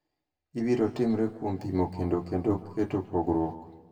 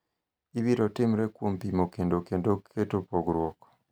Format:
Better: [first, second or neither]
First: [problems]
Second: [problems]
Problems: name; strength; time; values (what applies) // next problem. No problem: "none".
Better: second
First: room echo; dies away in 0.9 s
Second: none